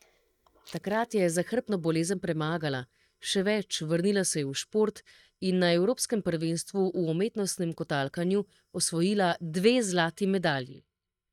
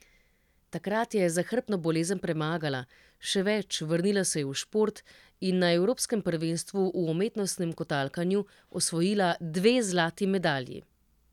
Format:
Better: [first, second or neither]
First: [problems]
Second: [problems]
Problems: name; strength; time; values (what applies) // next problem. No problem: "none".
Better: second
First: noise reduction (neural mask model DeepFilterNet 3)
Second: none